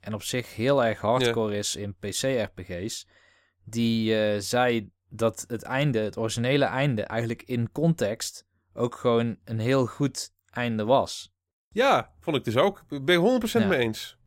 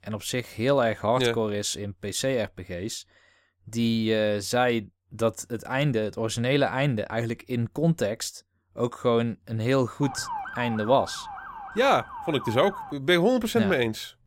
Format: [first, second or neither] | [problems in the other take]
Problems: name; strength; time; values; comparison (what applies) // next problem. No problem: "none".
first | siren; noticeable; from 10 to 13 s; peak 8 dB below the speech